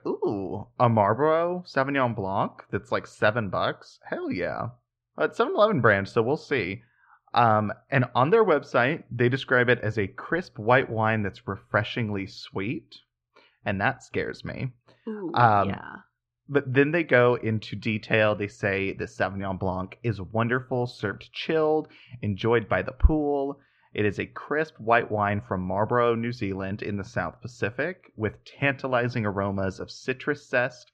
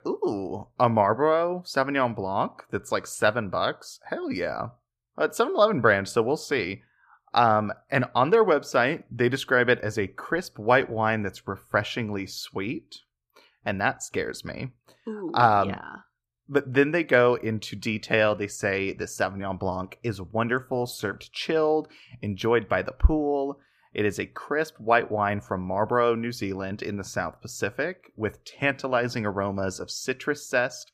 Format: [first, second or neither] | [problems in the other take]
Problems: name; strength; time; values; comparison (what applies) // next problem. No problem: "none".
second | muffled; very slightly; fading above 3 kHz